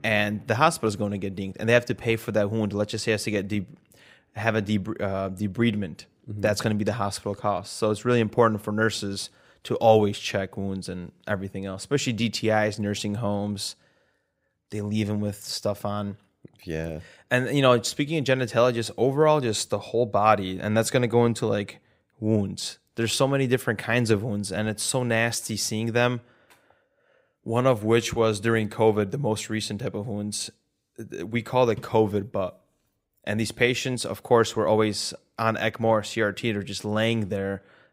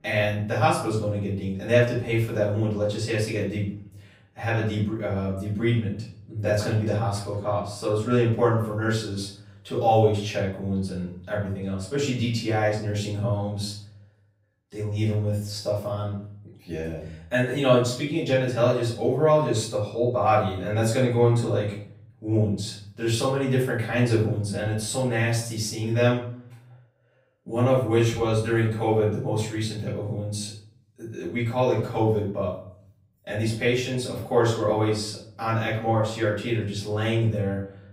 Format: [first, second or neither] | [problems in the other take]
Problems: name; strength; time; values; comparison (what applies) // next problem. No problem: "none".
first | room echo; noticeable; dies away in 0.6 s // off-mic speech; far